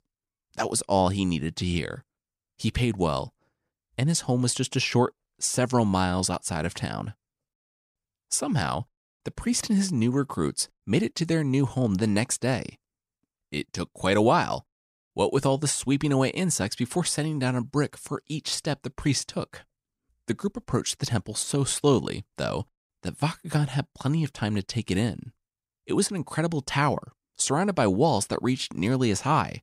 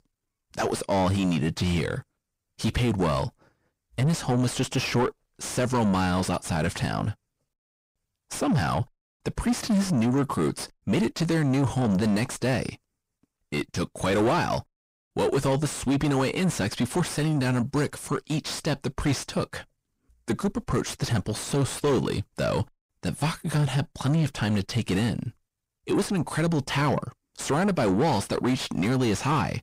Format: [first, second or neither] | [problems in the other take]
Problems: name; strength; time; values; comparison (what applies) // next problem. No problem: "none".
first | distortion; heavy; 5 dB below the speech